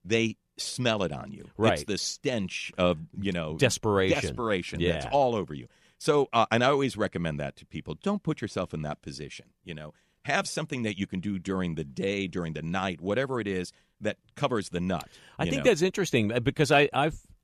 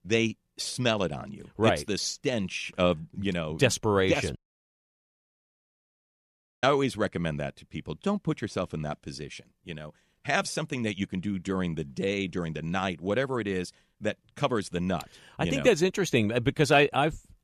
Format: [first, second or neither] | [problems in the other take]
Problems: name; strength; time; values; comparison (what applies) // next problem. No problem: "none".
first | audio cutting out; at 4.5 s for 2.5 s